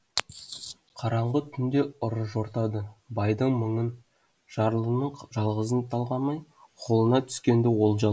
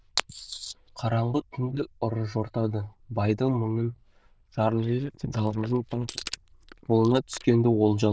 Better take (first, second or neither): first